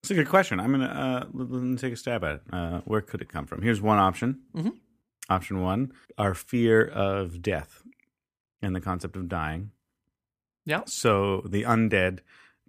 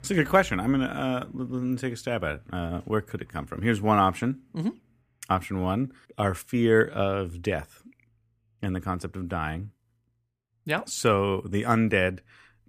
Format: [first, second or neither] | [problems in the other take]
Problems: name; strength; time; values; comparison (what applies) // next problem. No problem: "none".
first | traffic noise; faint; throughout; 25 dB below the speech